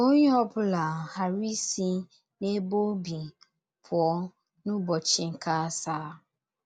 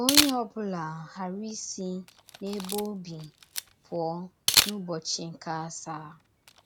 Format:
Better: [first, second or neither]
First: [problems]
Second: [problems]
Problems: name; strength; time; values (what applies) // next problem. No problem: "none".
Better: first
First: none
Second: background sound (Camera); 1 dB above the speech